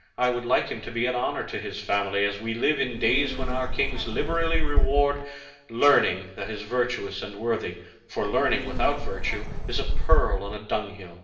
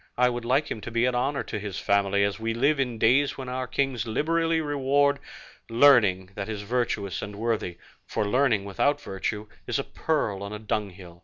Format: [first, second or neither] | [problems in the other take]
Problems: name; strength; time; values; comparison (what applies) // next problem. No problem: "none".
second | background sound (Insect); 3 dB above the speech // room echo; dies away in 0.9 s